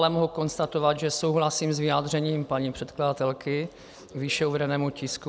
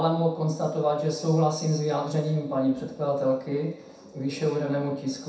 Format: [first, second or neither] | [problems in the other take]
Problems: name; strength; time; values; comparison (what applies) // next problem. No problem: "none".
first | room echo; dies away in 0.7 s